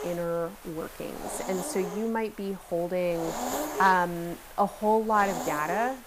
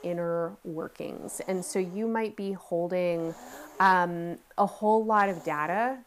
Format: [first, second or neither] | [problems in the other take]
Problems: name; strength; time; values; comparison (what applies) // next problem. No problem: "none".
second | hiss; loud; throughout; 8 dB below the speech; faint in the second